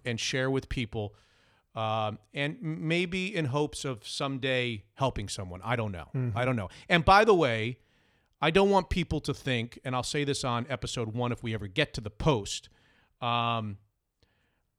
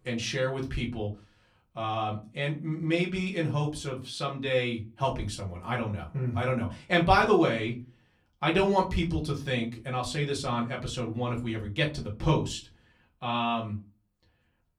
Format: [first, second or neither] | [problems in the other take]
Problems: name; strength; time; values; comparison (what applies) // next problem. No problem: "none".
first | off-mic speech; far // room echo; very slight; dies away in 0.3 s